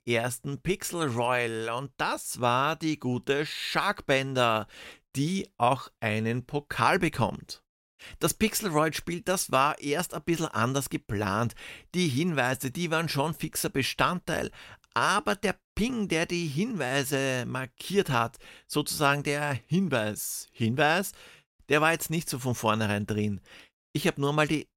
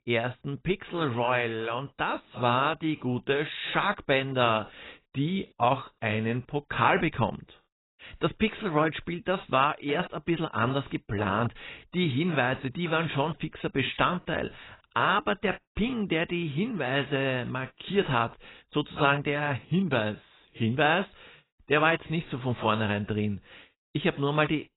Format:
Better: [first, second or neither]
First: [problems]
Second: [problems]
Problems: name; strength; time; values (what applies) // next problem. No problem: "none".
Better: first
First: none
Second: garbled, watery; badly; nothing above 4 kHz